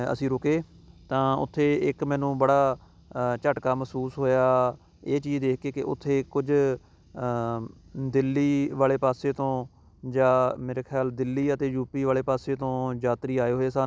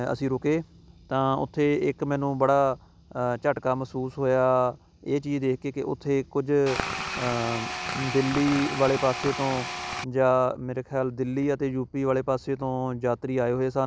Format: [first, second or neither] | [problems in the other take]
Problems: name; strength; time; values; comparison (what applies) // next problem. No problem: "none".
first | background sound (Tools); 6 dB below the speech